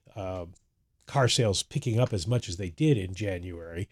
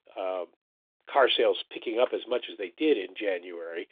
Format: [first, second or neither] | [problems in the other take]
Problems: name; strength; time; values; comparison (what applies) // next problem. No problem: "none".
first | phone-call audio; nothing above 3.5 kHz